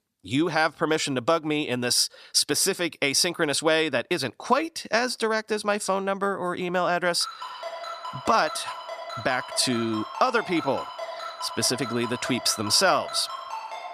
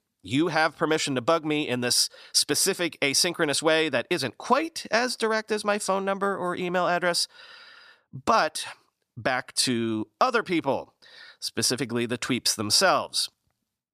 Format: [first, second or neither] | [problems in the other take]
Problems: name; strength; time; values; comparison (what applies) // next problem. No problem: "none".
second | phone ringing; faint; from 7 s on; peak 10 dB below the speech